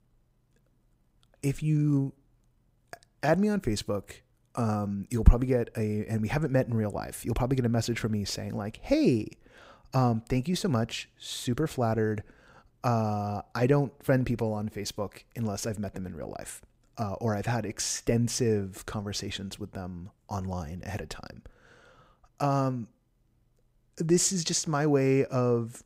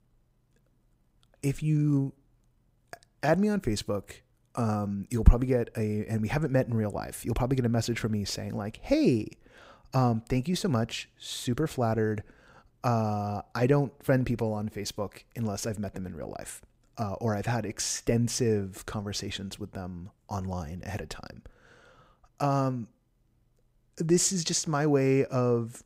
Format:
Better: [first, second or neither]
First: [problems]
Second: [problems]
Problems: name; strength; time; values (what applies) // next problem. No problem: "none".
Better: neither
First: none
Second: none